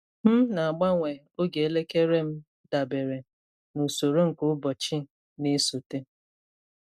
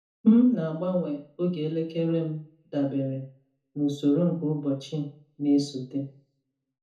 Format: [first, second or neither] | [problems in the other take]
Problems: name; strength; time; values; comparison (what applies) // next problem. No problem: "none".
first | room echo; dies away in 0.7 s